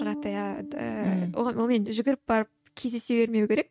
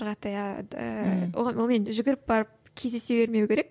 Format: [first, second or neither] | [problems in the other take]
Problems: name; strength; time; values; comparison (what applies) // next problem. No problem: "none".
second | noise reduction (neural mask model RNNoise)